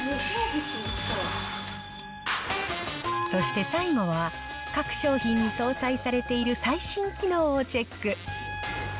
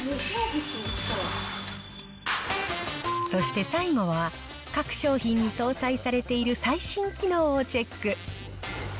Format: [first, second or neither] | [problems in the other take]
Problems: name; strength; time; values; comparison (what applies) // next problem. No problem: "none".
second | background sound (Trumpet); 10 dB below the speech